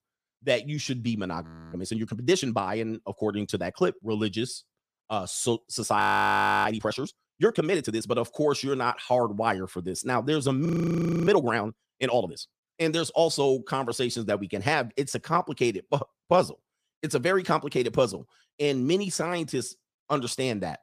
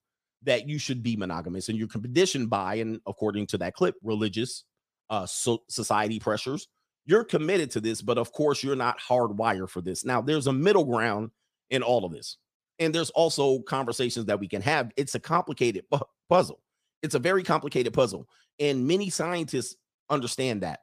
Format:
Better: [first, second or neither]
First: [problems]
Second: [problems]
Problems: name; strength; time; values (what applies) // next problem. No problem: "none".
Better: second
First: audio freezing; at 1.5 s, at 6 s for 0.5 s and at 11 s for 0.5 s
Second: none